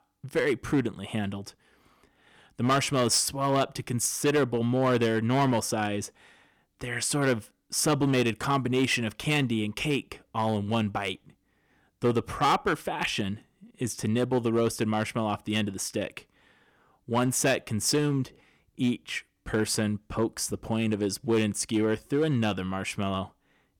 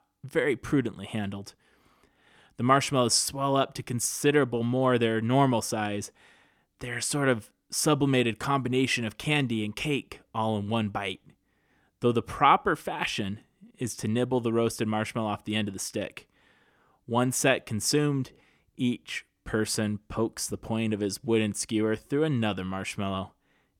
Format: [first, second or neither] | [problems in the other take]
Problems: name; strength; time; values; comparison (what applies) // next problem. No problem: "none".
second | distortion; slight; 4% of the sound clipped